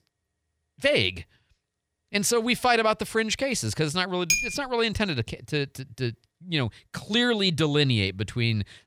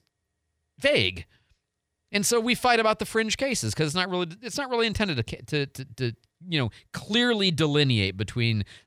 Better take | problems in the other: second | clattering dishes; loud; at 4.5 s; peak 2 dB above the speech

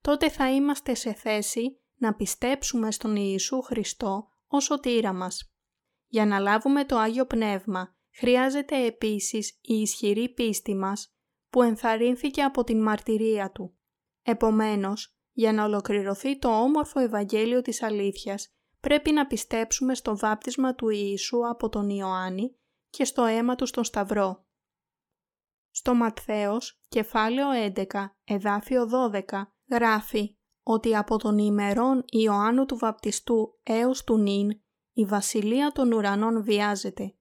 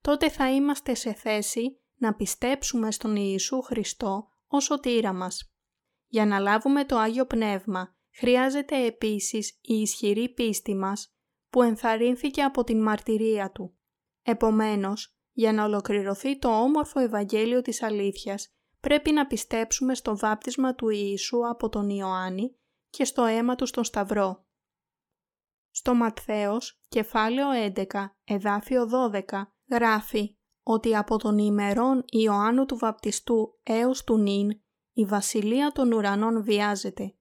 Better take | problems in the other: neither | none

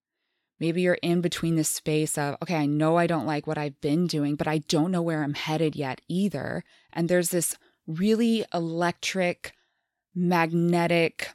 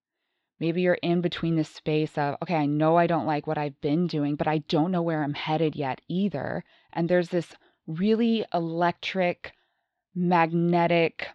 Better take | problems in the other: first | muffled; slightly; fading above 3.5 kHz

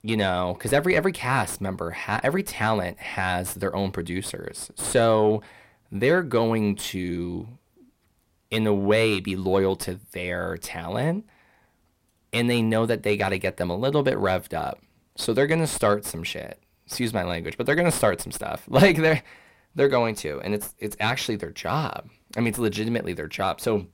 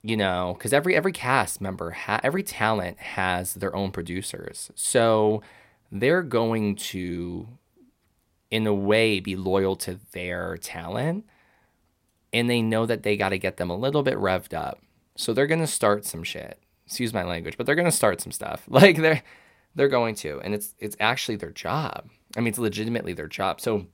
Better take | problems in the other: second | distortion; slight; 10 dB below the speech

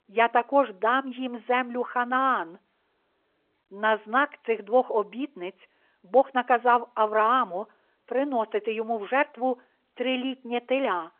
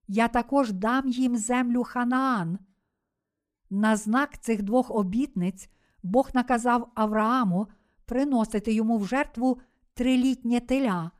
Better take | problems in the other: second | phone-call audio

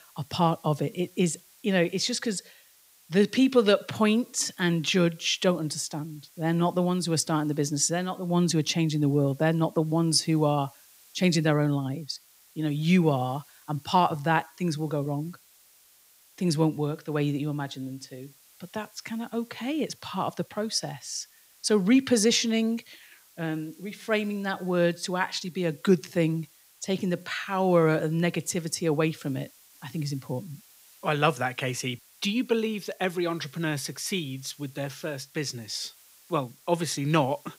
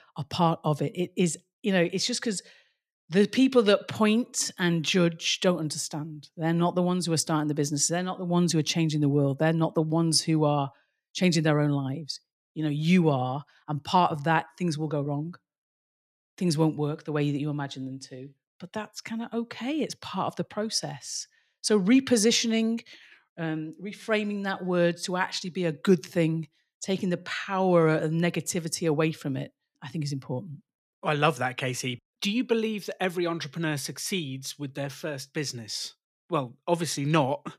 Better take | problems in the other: second | hiss; faint; throughout; 25 dB below the speech

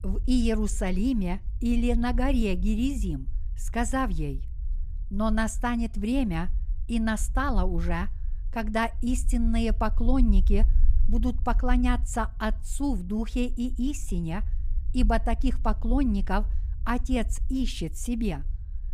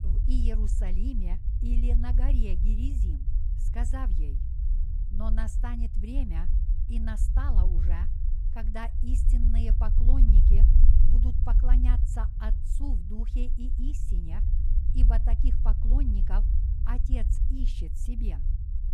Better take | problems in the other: first | low rumble; loud; throughout; 5 dB below the speech; faint in the first

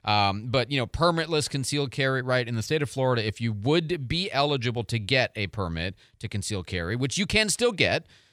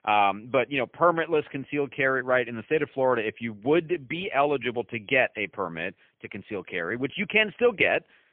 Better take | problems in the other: first | phone-call audio; poor line

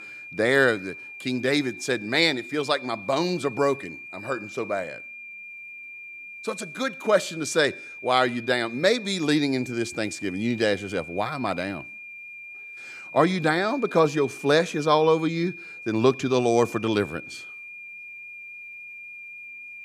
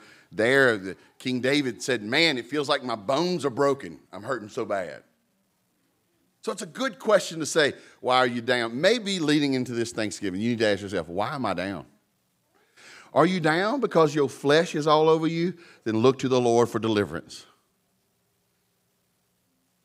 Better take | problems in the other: second | high-pitched whine; noticeable; throughout; 2.5 kHz, 15 dB below the speech

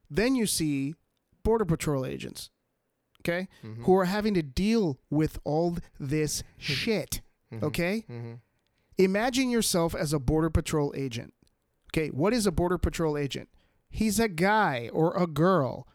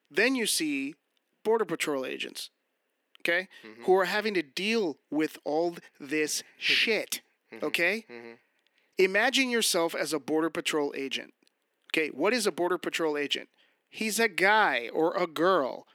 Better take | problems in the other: first | thin; somewhat; fading below 250 Hz

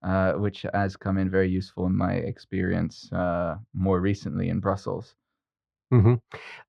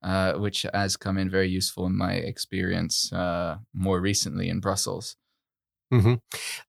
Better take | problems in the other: second | muffled; very; fading above 1.5 kHz

